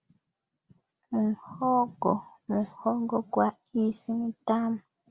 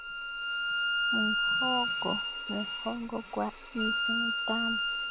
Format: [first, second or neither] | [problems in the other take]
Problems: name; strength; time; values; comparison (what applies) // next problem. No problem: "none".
first | background sound (Bowed string instrument); 5 dB above the speech